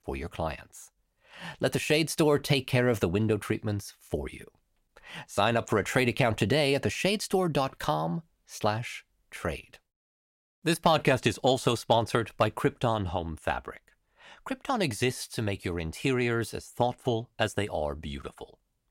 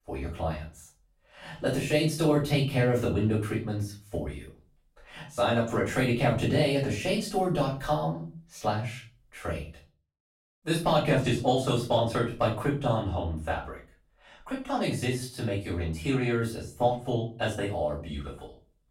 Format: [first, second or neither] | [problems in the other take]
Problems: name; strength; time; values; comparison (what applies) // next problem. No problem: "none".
first | off-mic speech; far // room echo; slight; dies away in 0.4 s